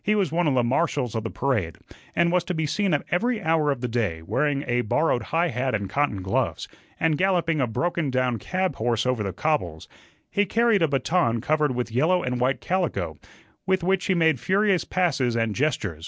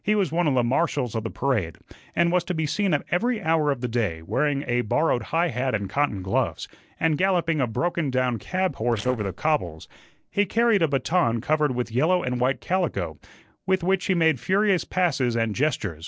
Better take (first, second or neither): first